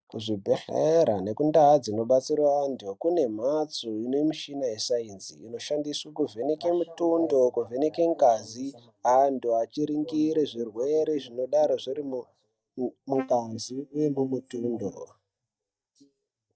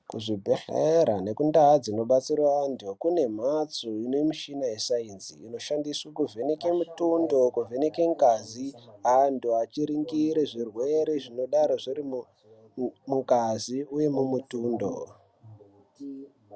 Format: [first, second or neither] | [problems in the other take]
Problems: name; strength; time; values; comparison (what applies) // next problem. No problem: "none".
second | noise reduction (neural mask model DeepFilterNet 3)